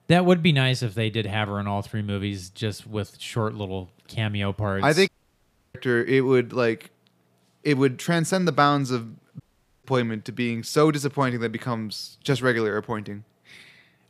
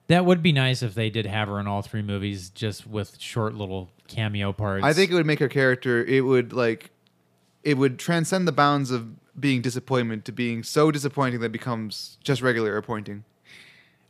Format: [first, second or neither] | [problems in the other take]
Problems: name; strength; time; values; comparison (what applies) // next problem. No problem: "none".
second | audio cutting out; at 5 s for 0.5 s and at 9.5 s